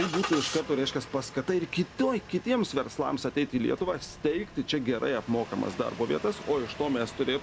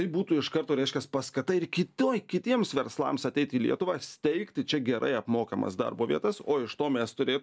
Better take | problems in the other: second | background sound (Engine starting); 12 dB below the speech

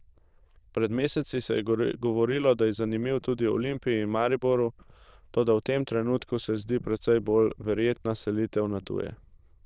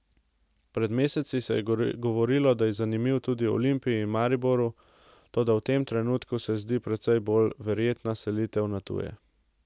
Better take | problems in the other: second | noise reduction (neural diffusion model UNIVERSE++)

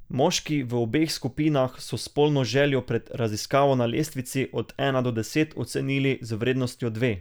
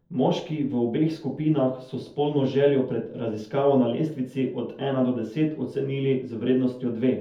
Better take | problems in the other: first | room echo; dies away in 0.5 s

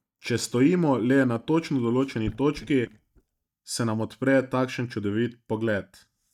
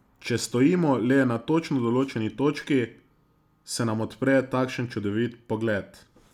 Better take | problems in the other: second | noise reduction (neural mask model DeepFilterNet 3)

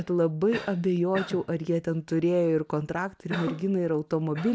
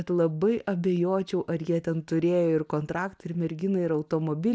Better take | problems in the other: second | background sound (Cough); 15 dB below the speech

